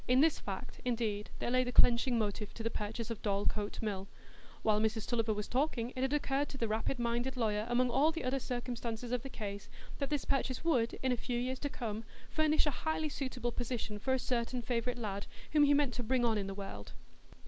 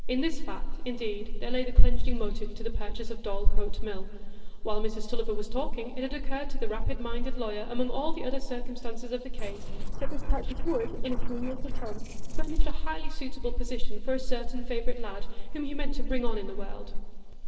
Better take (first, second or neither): first